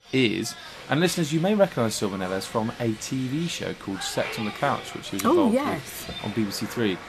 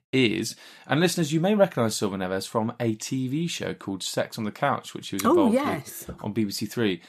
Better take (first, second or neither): second